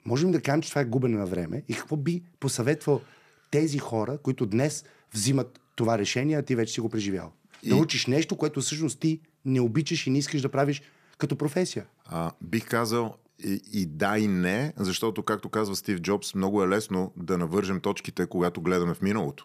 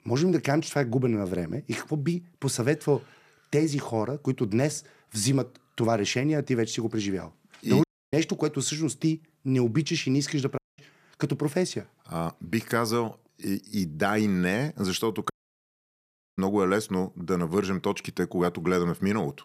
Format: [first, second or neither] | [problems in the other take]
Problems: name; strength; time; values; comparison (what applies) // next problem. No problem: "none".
first | audio cutting out; at 8 s, at 11 s and at 15 s for 1 s